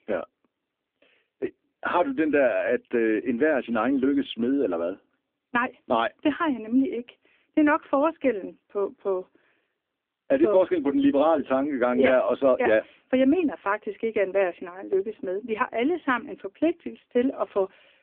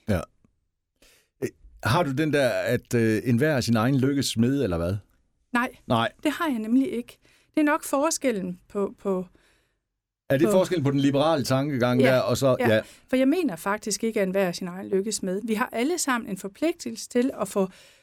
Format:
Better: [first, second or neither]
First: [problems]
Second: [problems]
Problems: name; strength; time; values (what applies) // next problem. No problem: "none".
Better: second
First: phone-call audio; nothing above 3.5 kHz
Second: none